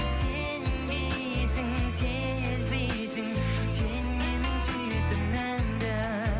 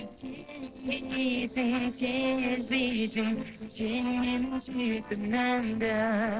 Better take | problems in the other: first | noise reduction (neural separator model SepFormer DNS4)

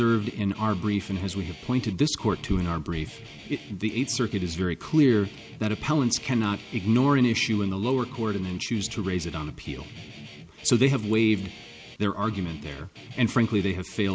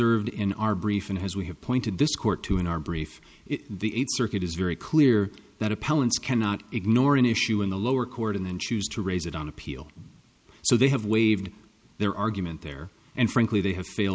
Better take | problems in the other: second | background sound (Guitar); 18 dB below the speech

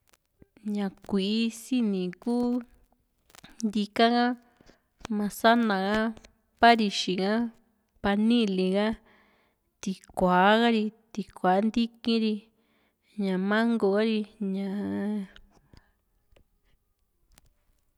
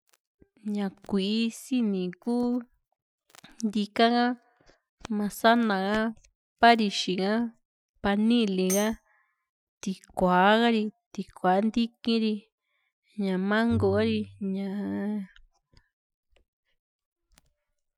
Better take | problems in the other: first | noise reduction (classical method Wiener filter)

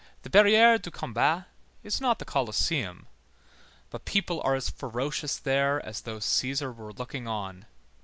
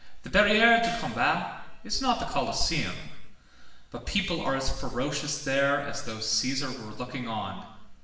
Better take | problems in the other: first | background sound (Gong); 17 dB below the speech // room echo; dies away in 1 s

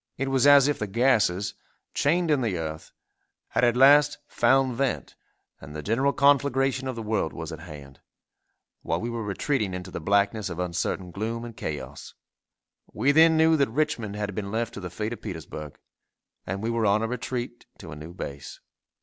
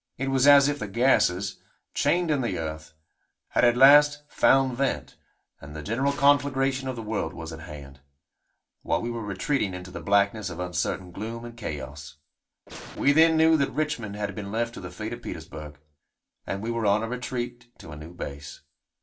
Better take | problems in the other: first | background sound (Gunshot, gunfire); 18 dB below the speech // room echo; dies away in 0.2 s

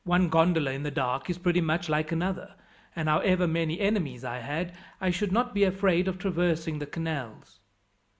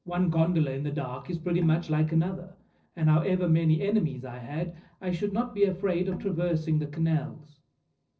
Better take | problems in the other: first | noise reduction (neural separator model SepFormer DNS4)

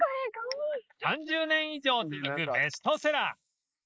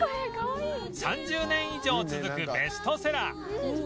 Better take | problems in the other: second | noise reduction (neural mask model Resemble Enhance denoiser)

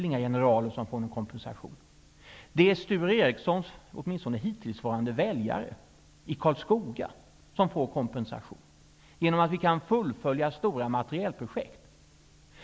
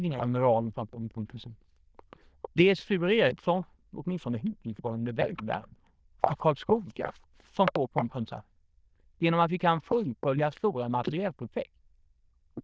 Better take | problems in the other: first | noise reduction (neural diffusion model UNIVERSE++)

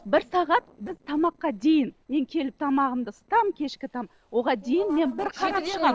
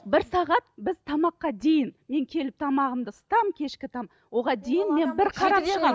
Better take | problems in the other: second | noise reduction (neural separator model SepFormer DNS4)

